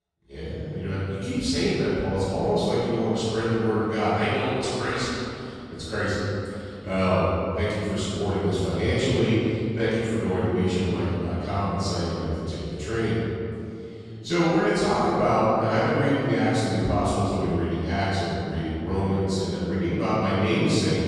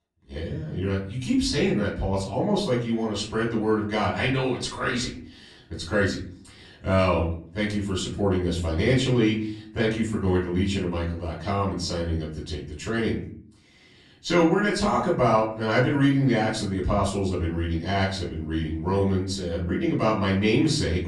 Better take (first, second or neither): second